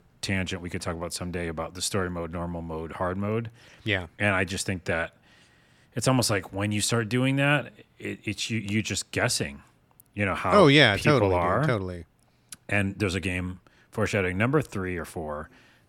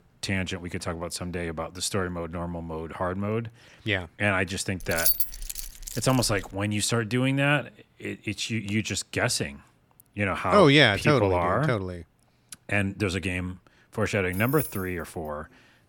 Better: first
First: none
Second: jangling keys; loud; from 5 to 6.5 s; peak 5 dB above the speech // jangling keys; noticeable; at 14 s; peak 7 dB below the speech

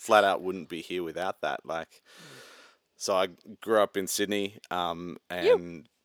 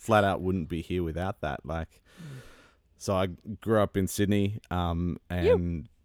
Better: second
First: thin; somewhat; fading below 400 Hz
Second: none

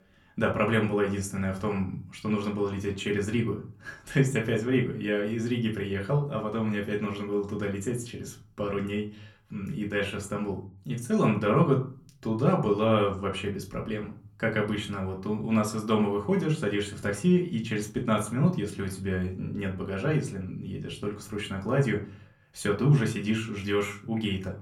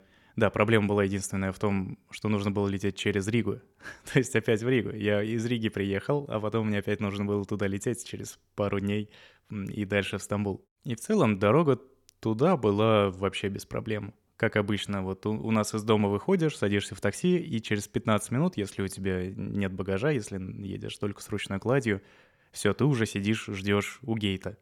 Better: second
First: off-mic speech; far // room echo; very slight; dies away in 0.3 s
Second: none

